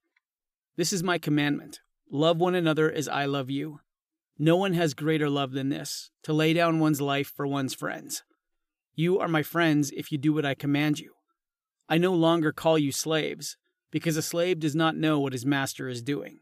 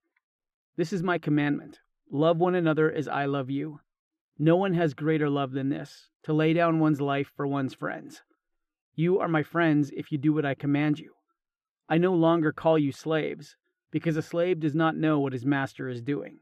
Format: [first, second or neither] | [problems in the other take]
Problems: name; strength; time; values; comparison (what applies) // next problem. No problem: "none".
first | muffled; very; fading above 3.5 kHz